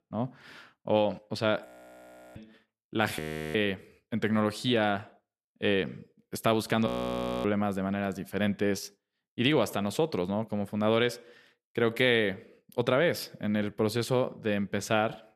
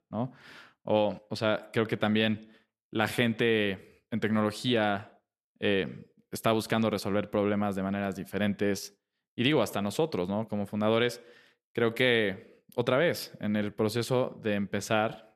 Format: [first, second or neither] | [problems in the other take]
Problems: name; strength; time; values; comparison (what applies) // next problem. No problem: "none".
second | audio freezing; at 1.5 s for 0.5 s, at 3 s and at 7 s for 0.5 s